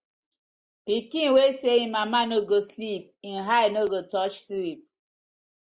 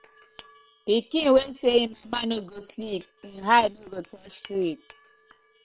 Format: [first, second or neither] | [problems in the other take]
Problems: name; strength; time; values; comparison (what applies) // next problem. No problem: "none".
first | noise reduction (neural separator model SepFormer WHAM!)